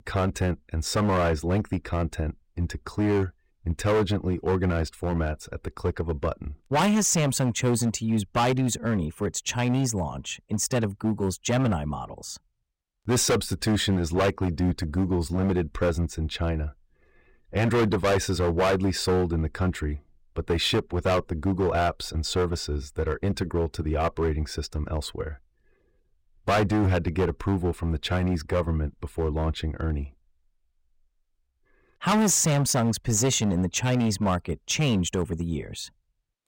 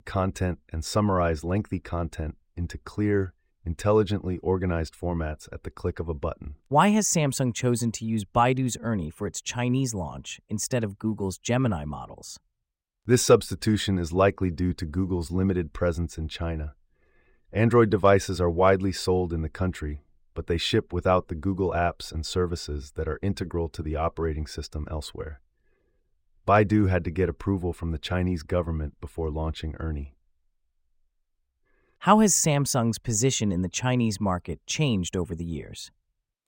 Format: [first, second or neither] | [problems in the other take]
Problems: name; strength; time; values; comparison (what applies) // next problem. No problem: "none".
second | distortion; heavy; 10% of the sound clipped